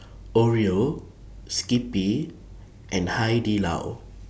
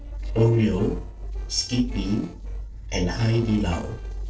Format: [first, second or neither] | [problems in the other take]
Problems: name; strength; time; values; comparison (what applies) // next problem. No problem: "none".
first | noise reduction (neural separator model SepFormer DNS4)